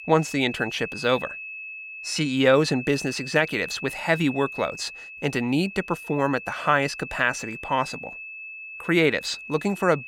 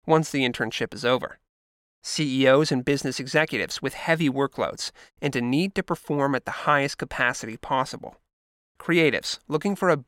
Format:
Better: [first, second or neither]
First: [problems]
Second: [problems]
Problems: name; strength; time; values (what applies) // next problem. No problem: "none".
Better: second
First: high-pitched whine; noticeable; throughout; 2.5 kHz, 10 dB below the speech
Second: none